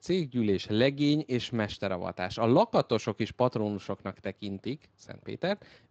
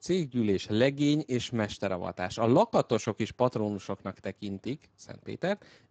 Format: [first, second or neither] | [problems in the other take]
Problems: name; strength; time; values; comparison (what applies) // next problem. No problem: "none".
first | garbled, watery; badly; nothing above 7.5 kHz; slightly in the first